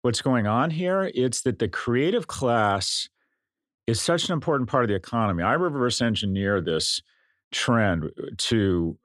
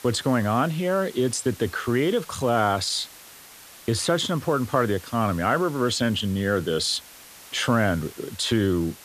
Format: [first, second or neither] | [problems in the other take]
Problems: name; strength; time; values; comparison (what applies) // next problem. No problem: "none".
first | hiss; noticeable; throughout; 20 dB below the speech